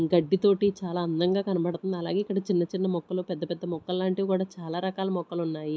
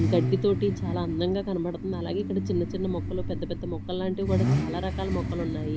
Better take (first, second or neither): first